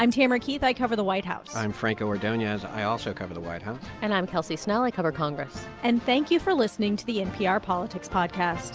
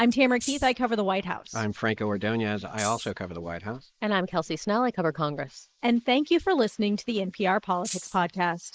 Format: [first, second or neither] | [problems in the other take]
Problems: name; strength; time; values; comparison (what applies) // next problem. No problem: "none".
first | noise reduction (neural mask model Resemble Enhance denoiser)